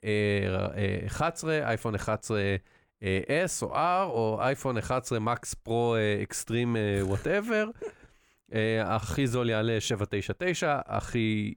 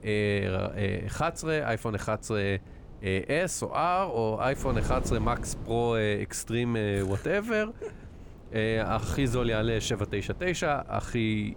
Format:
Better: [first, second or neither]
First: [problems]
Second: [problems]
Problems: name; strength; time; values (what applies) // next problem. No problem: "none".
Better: first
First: none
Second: wind noise on the microphone; occasional gusts; 20 dB below the speech